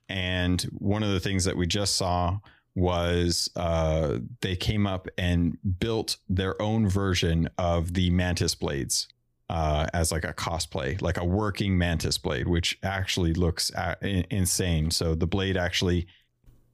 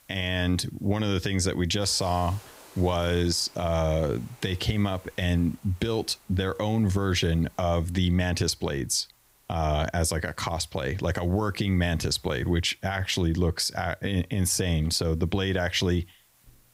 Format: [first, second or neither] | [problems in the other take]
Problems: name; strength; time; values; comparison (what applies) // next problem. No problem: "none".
first | hiss; faint; throughout; 25 dB below the speech